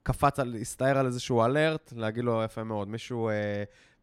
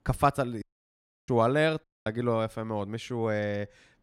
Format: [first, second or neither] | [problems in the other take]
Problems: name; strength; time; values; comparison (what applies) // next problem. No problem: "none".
first | audio cutting out; at 0.5 s for 0.5 s and at 2 s